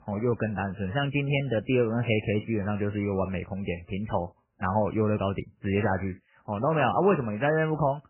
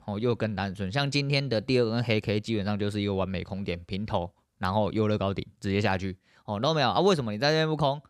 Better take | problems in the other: second | garbled, watery; badly; nothing above 3 kHz

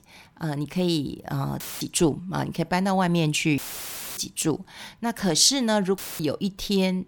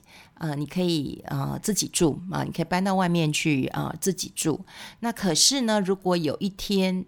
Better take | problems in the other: second | audio cutting out; filled with static; at 1.5 s, at 3.5 s for 0.5 s and at 6 s

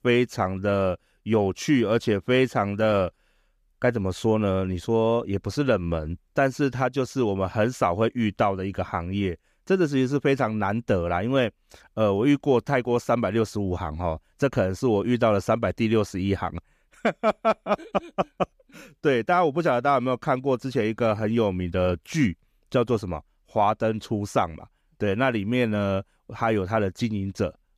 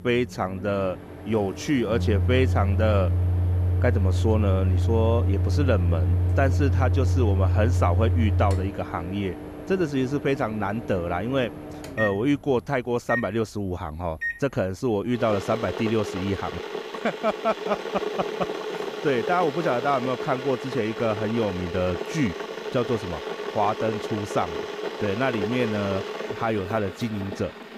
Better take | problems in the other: first | household noises; loud; throughout; 1 dB below the speech

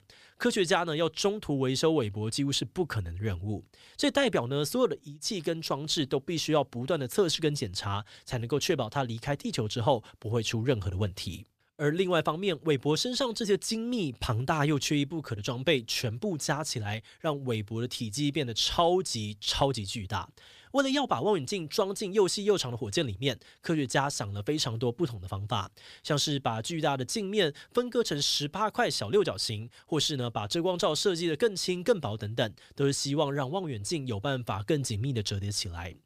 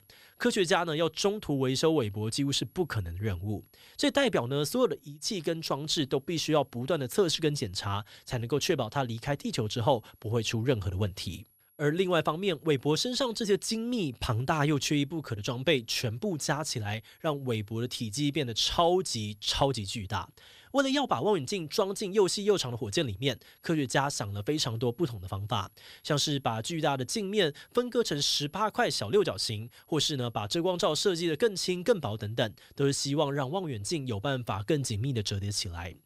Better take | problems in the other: first | high-pitched whine; faint; throughout; 11.5 kHz, 35 dB below the speech

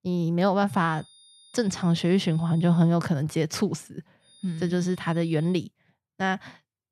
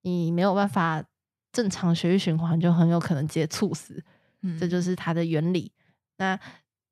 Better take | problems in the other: second | high-pitched whine; faint; from 0.5 to 3 s and from 4.5 to 5.5 s; 3.5 kHz, 25 dB below the speech

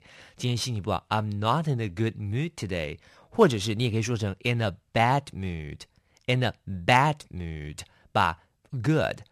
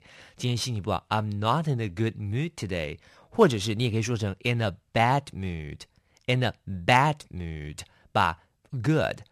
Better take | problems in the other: neither | none

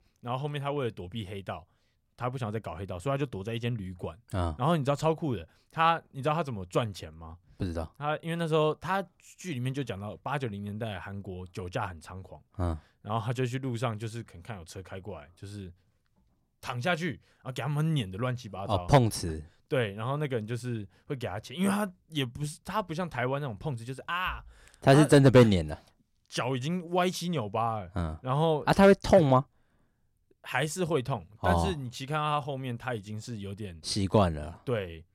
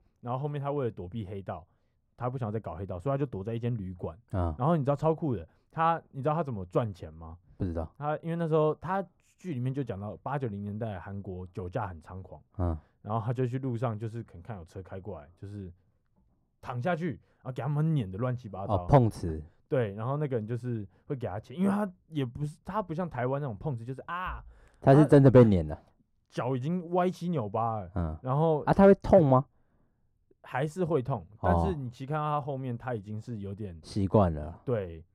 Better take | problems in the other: first | muffled; slightly; fading above 1.5 kHz

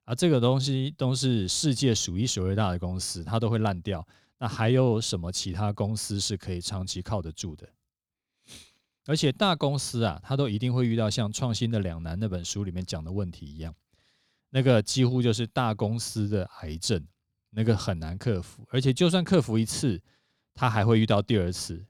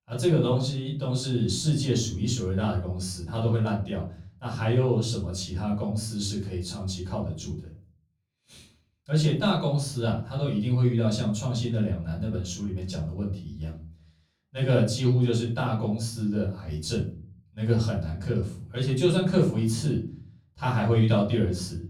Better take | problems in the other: first | off-mic speech; far // room echo; slight; dies away in 0.4 s

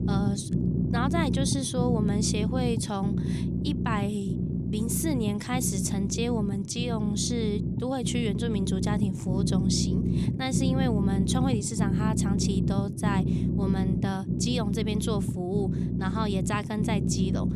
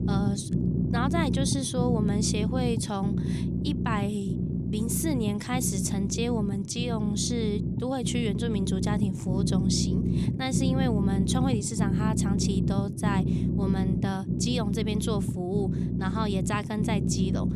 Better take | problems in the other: neither | low rumble; loud; throughout; 4 dB below the speech; the same in both

